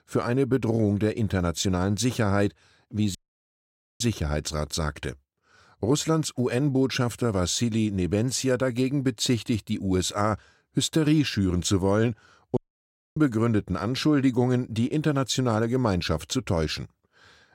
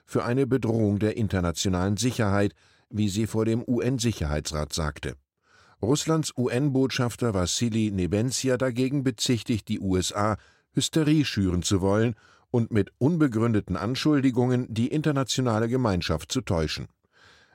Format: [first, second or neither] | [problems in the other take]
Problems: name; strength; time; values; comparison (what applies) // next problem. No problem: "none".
second | audio cutting out; at 3 s for 1 s and at 13 s for 0.5 s